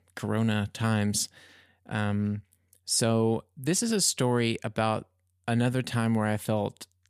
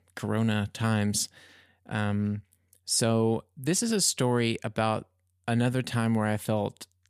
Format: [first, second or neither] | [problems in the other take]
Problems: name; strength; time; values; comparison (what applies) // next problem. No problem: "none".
neither | none